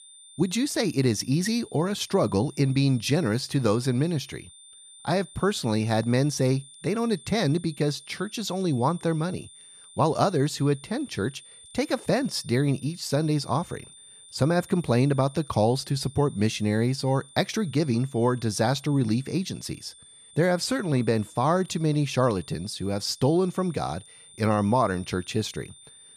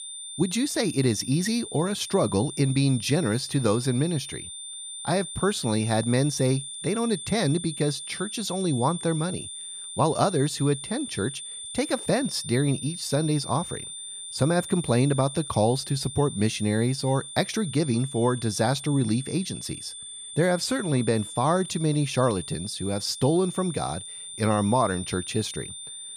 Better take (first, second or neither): first